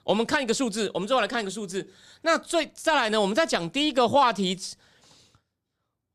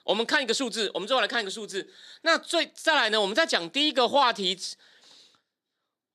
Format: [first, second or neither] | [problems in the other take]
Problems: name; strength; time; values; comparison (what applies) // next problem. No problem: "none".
first | thin; very slightly; fading below 300 Hz